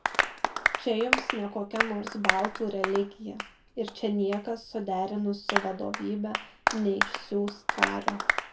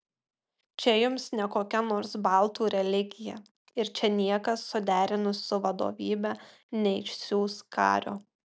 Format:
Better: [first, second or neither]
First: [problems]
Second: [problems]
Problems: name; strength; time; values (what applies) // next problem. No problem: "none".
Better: second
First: background sound (Applause); as loud as the speech // room echo; dies away in 0.2 s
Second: none